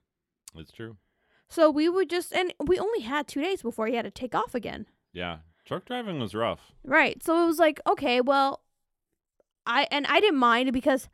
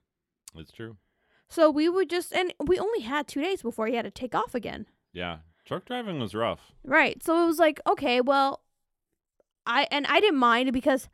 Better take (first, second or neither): neither